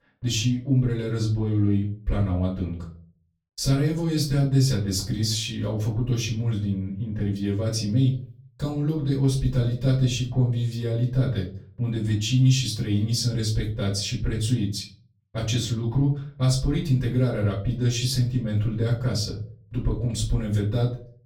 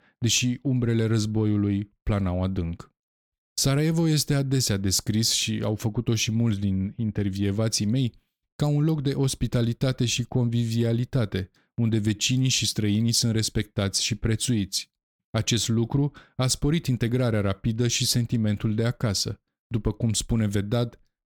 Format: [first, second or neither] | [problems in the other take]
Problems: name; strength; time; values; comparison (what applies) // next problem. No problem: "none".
second | off-mic speech; far // room echo; slight; dies away in 0.4 s